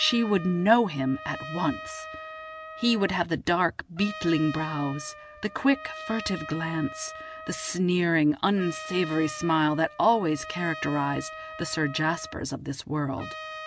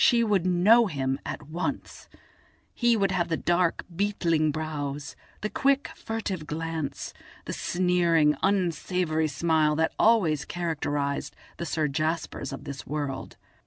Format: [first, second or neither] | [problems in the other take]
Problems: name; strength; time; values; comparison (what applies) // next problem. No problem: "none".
second | background sound (Trumpet); 13 dB below the speech